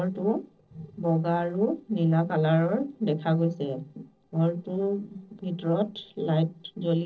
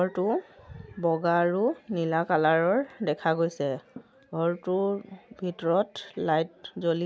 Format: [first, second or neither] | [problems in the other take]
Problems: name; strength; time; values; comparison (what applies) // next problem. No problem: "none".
second | noise reduction (neural separator model SepFormer DNS4)